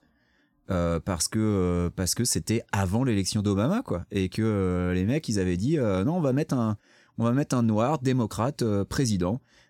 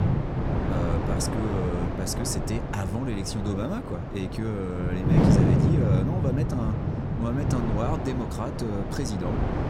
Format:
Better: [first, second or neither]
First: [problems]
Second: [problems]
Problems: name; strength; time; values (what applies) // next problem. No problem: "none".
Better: first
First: none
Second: wind noise on the microphone; heavy; 1 dB above the speech